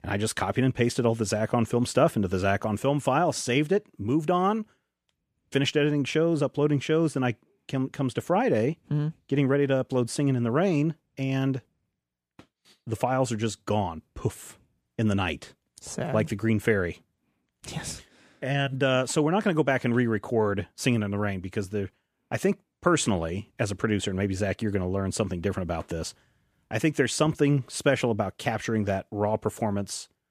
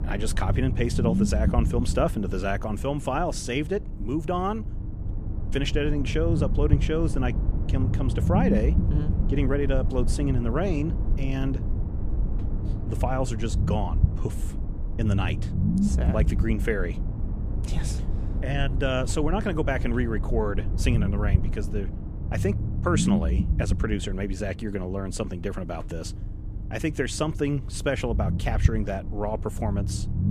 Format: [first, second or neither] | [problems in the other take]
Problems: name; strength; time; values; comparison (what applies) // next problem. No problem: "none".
first | low rumble; loud; throughout; 9 dB below the speech